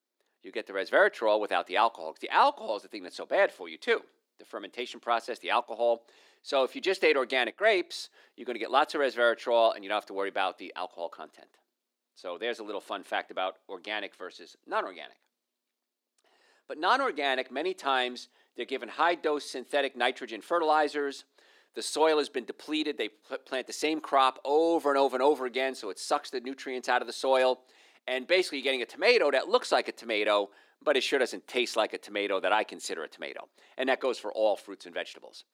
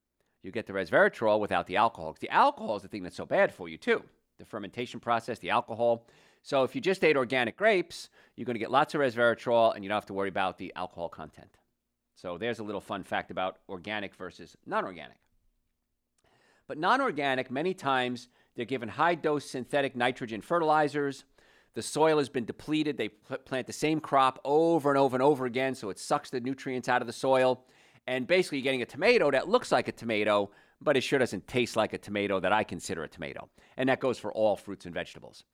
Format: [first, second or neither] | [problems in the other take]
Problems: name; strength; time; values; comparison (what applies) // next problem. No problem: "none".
second | thin; very slightly; fading below 300 Hz